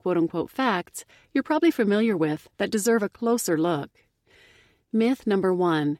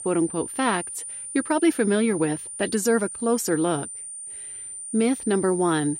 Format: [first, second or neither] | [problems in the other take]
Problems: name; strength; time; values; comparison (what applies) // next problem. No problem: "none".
first | high-pitched whine; loud; throughout; 9 kHz, 9 dB below the speech